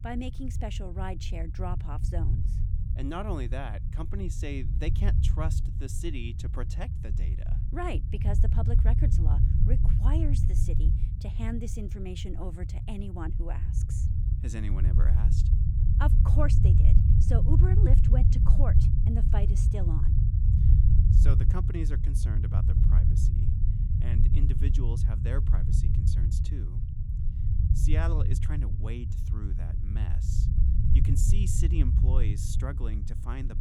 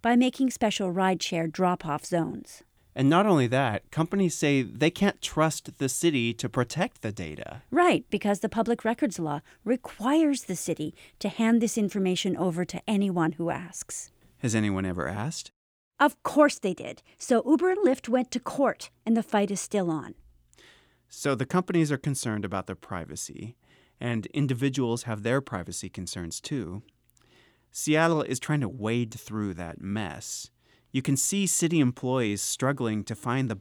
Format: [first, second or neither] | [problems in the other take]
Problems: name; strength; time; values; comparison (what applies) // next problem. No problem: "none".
second | low rumble; loud; throughout; 2 dB below the speech